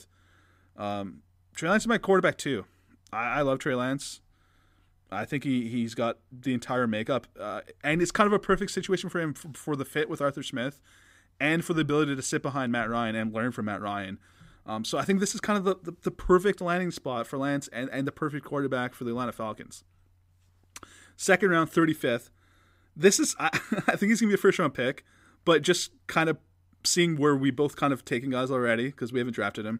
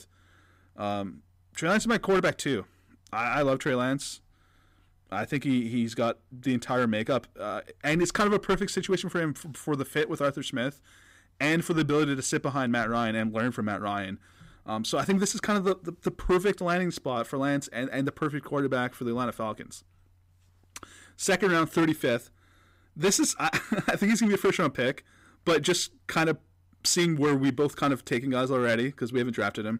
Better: first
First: none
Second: distortion; slight; 4% of the sound clipped

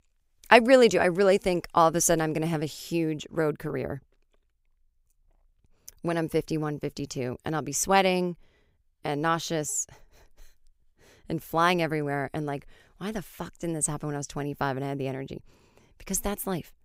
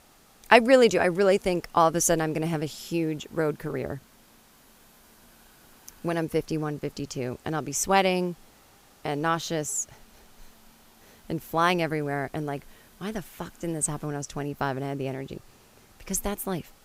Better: first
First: none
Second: hiss; faint; throughout; 30 dB below the speech

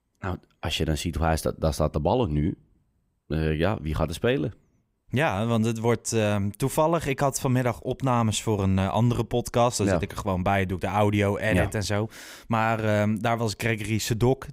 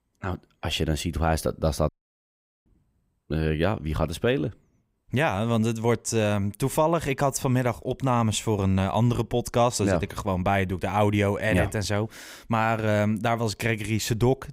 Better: first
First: none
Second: audio cutting out; at 2 s for 1 s

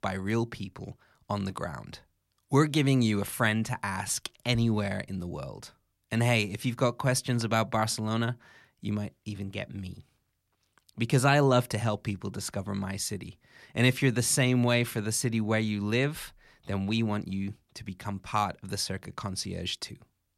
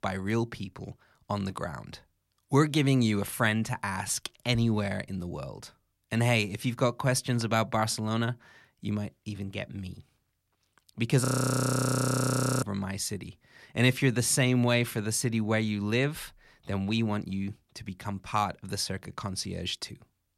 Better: first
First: none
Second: audio freezing; at 11 s for 1.5 s

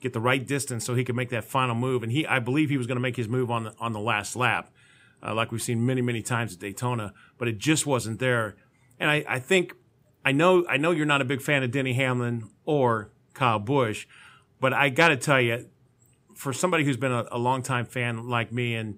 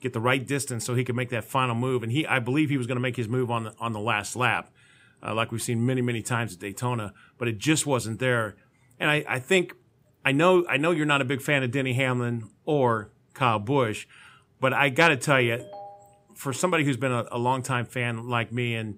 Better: first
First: none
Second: phone ringing; faint; at 15 s; peak 15 dB below the speech

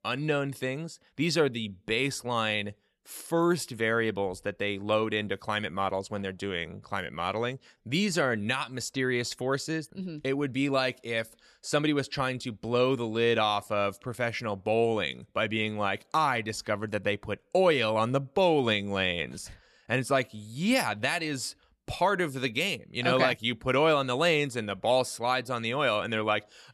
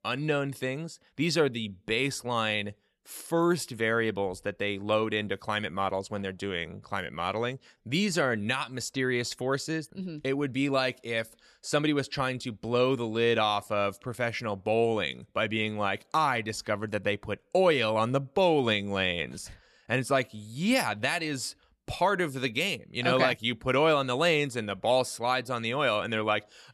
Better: neither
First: none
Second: none

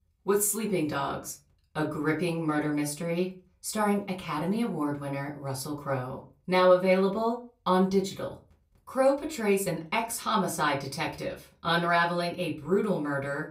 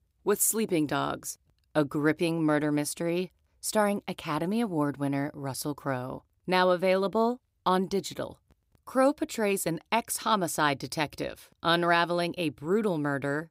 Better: second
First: off-mic speech; far // room echo; very slight; dies away in 0.3 s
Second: none

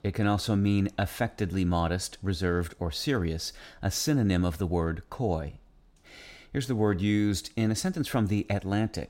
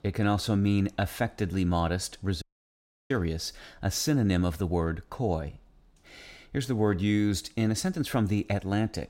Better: first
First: none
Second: audio cutting out; at 2.5 s for 0.5 s

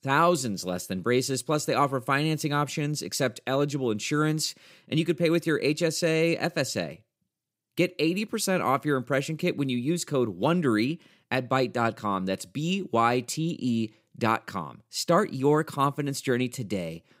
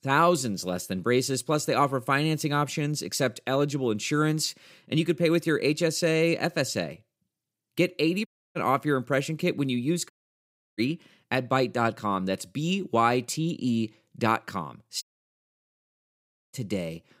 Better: first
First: none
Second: audio cutting out; at 8.5 s, at 10 s for 0.5 s and at 15 s for 1.5 s

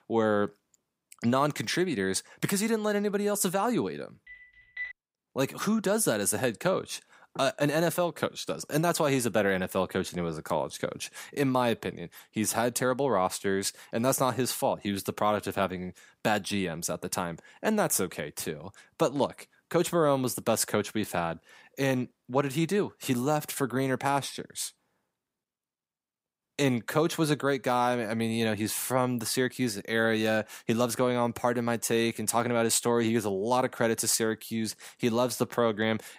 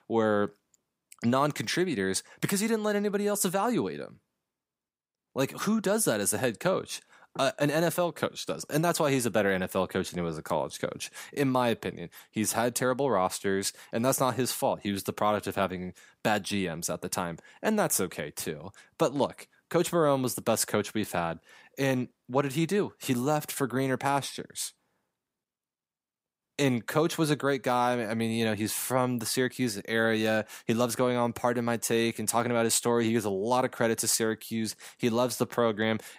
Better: second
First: phone ringing; noticeable; at 4.5 s; peak 9 dB below the speech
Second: none

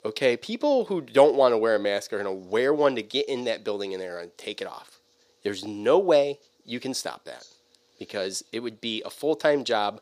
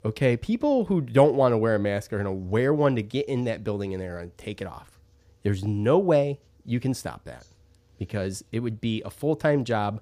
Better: second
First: thin; somewhat; fading below 400 Hz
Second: none

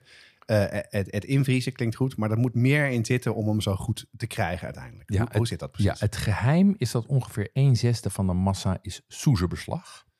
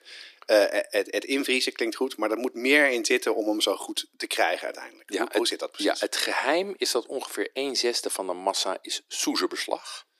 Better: first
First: none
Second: thin; very; fading below 300 Hz

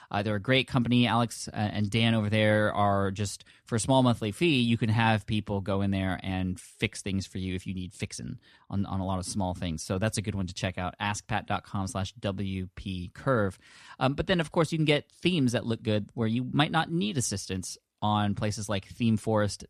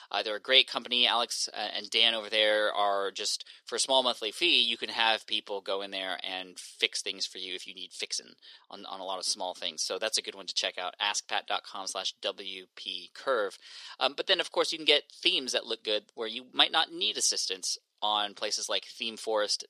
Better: first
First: none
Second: thin; very; fading below 400 Hz

